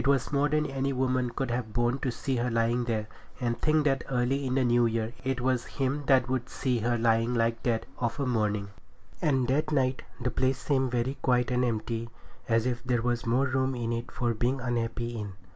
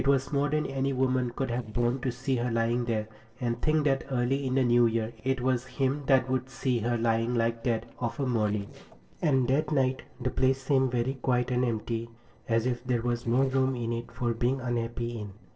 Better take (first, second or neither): first